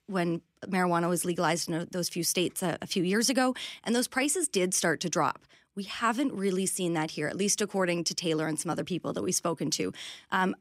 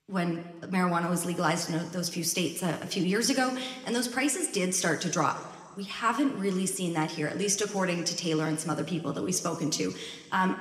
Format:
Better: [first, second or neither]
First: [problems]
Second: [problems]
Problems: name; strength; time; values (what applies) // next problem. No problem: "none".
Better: first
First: none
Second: room echo; slight; dies away in 1.5 s